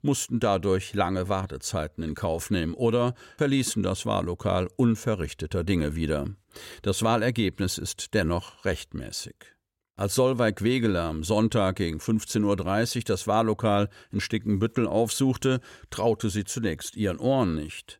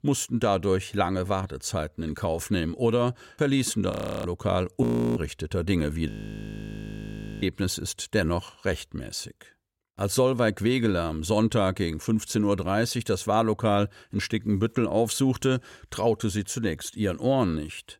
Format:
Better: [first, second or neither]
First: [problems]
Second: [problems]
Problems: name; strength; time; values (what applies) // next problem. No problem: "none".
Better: first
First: none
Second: audio freezing; at 4 s, at 5 s and at 6 s for 1.5 s